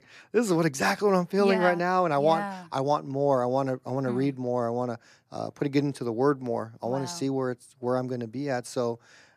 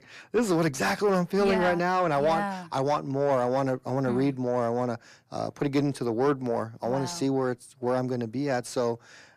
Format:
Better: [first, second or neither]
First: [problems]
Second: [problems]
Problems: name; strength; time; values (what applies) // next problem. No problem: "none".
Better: first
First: none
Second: distortion; slight; 10 dB below the speech